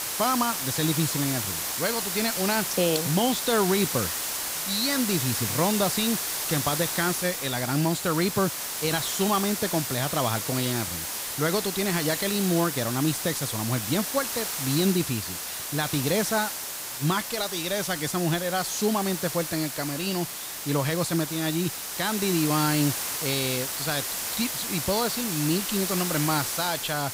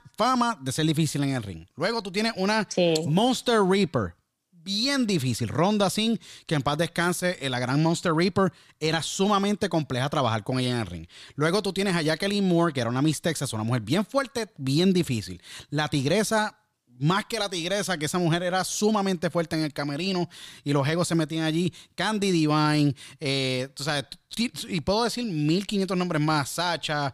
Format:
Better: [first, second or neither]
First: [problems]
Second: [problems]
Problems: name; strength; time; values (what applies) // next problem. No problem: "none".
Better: second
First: hiss; loud; throughout; 2 dB below the speech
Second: none